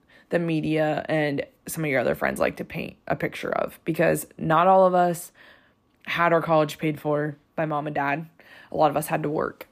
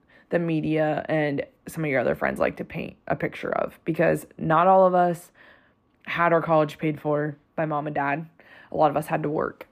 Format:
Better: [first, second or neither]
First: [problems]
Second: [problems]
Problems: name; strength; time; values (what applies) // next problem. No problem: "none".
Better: first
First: none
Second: muffled; slightly; fading above 3.5 kHz